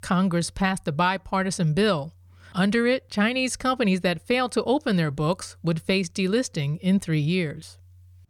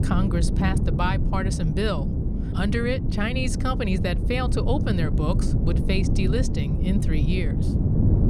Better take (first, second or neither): first